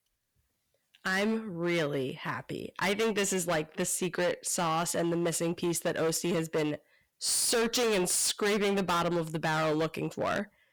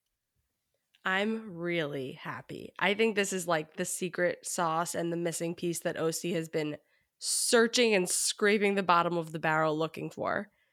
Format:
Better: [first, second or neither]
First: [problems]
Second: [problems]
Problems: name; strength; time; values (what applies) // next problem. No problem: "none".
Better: second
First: distortion; heavy; 17% of the sound clipped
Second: none